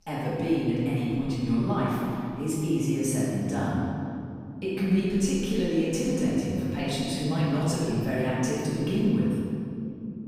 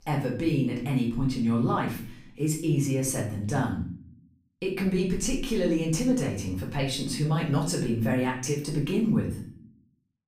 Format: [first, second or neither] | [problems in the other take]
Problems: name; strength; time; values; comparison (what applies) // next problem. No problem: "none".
second | room echo; strong; dies away in 2.7 s; slight in the second // off-mic speech; far; far in the second